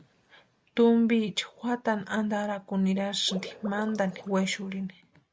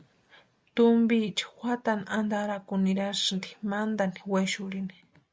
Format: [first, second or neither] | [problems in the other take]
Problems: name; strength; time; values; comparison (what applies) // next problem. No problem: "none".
second | background sound (Water / Liquid); 15 dB below the speech